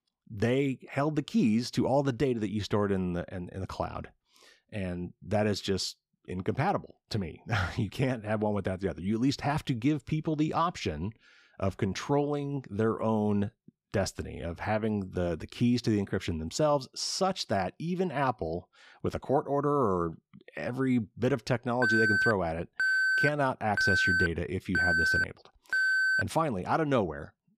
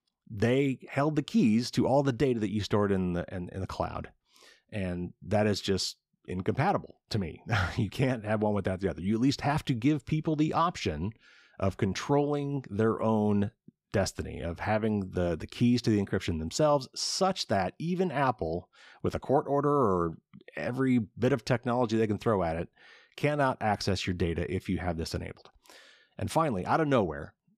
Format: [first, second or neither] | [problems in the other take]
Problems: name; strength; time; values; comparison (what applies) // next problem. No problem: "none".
second | alarm; loud; from 22 to 26 s; peak 6 dB above the speech